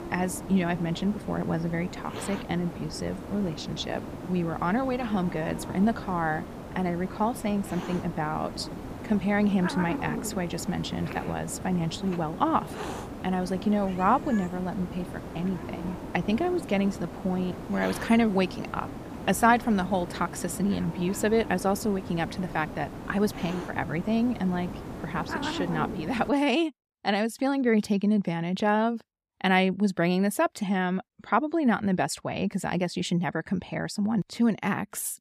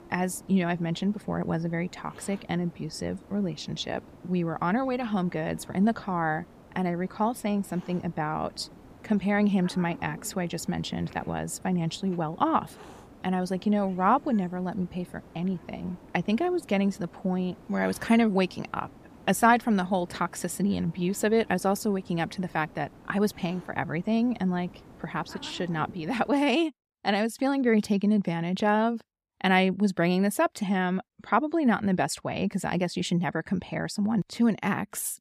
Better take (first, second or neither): second